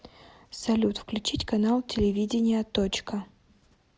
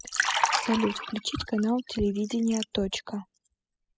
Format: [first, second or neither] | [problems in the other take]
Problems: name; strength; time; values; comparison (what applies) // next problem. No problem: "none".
first | noise reduction (classical method spectral subtraction)